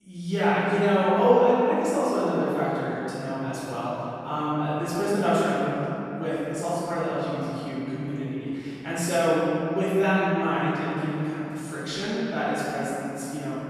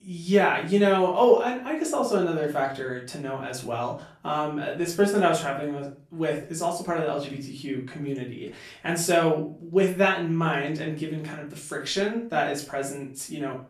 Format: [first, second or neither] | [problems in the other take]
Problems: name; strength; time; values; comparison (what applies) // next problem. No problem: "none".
second | room echo; strong; dies away in 3 s; slight in the second // off-mic speech; far; far in the second